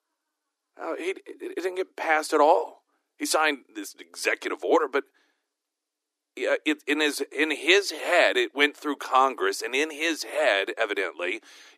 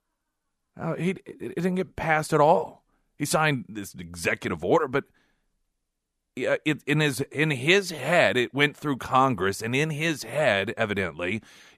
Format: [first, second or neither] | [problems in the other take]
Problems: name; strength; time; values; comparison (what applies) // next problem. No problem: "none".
second | thin; somewhat; fading below 300 Hz